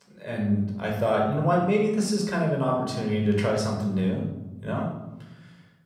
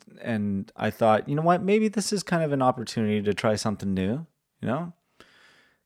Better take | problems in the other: second | off-mic speech; somewhat distant // room echo; noticeable; dies away in 0.9 s

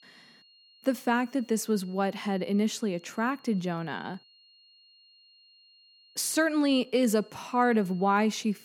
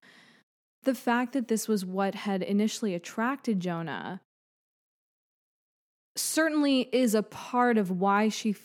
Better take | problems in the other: second | high-pitched whine; faint; throughout; 4.5 kHz, 30 dB below the speech

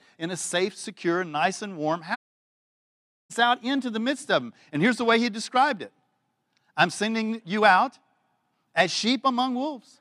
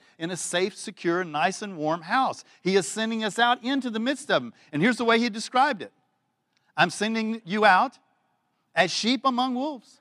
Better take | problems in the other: second | audio cutting out; at 2 s for 1 s

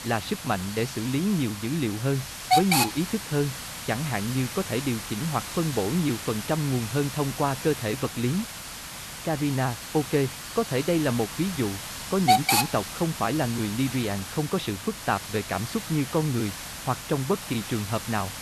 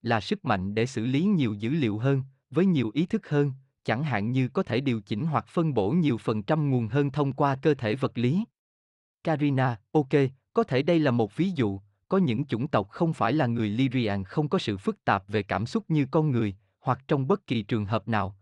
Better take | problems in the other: second | hiss; loud; throughout; 3 dB below the speech

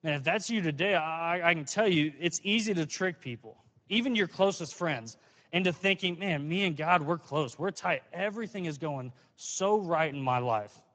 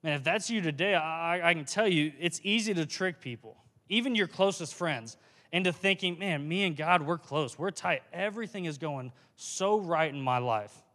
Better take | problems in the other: second | garbled, watery; badly

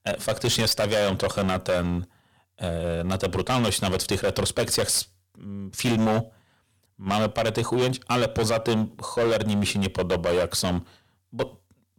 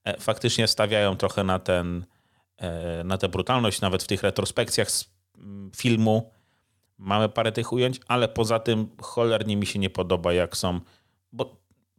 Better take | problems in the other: second | distortion; heavy; 12% of the sound clipped

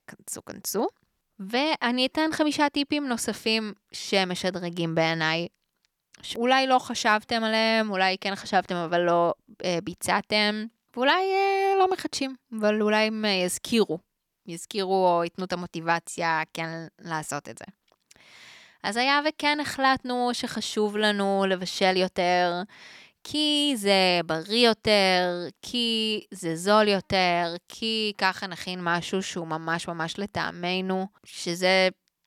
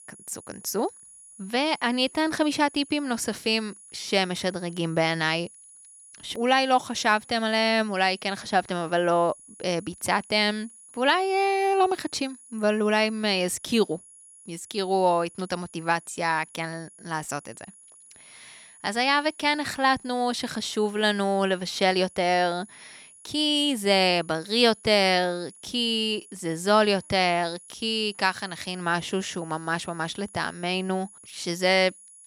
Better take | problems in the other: first | high-pitched whine; faint; throughout; 10 kHz, 20 dB below the speech

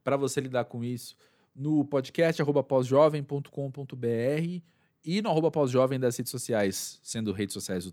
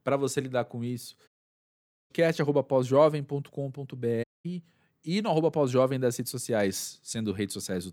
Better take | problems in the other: first | audio cutting out; at 1.5 s for 1 s and at 4 s

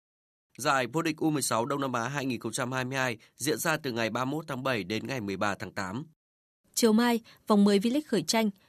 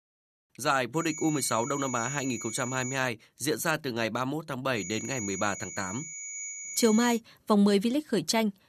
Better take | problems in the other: first | high-pitched whine; loud; from 1 to 3 s and from 5 to 7 s; 7 kHz, 8 dB below the speech

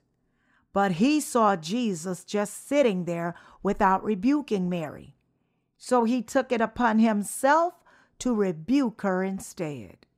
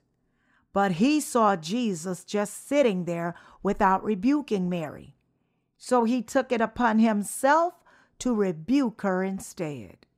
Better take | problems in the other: neither | none

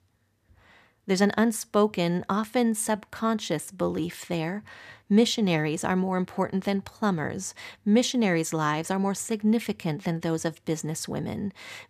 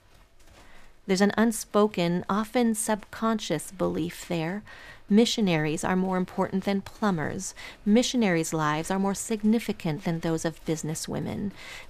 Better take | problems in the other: first | animal sounds; faint; throughout; 30 dB below the speech

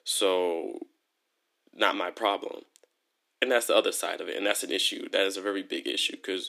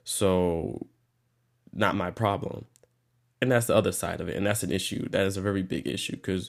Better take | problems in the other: second | thin; somewhat; fading below 300 Hz

